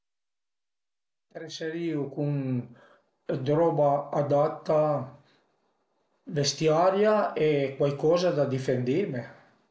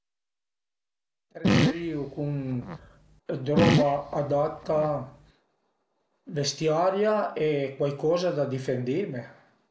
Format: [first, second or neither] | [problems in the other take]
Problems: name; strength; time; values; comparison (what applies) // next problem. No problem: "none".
first | background sound (Fart); 1 dB above the speech